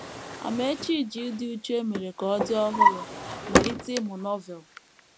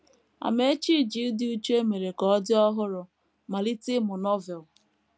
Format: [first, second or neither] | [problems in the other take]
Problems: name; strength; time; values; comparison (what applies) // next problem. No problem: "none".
second | background sound (Drawer open or close); 1 dB above the speech